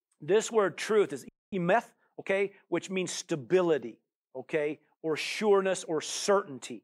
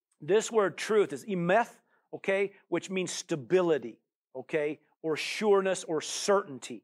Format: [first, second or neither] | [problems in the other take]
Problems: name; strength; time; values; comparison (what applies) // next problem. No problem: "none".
second | audio freezing; at 1.5 s